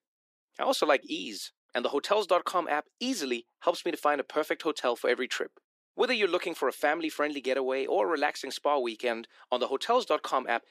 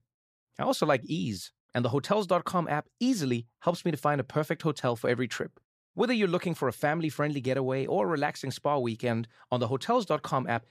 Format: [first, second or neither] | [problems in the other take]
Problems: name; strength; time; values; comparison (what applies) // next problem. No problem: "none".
second | thin; somewhat; fading below 300 Hz